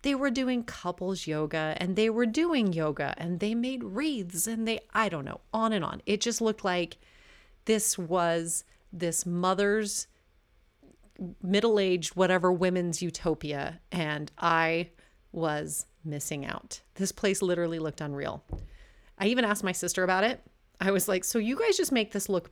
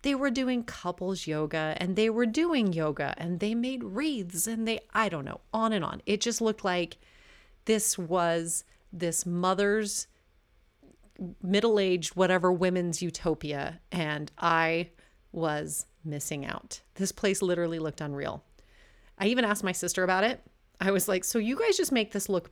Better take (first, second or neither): second